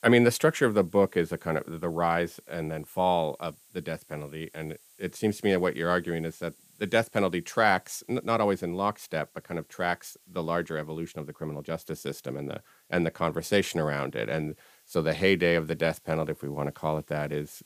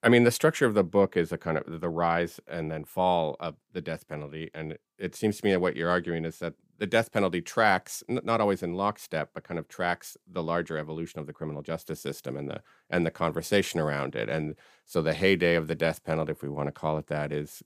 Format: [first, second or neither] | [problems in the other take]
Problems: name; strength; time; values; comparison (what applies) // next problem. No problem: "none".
second | hiss; faint; throughout; 30 dB below the speech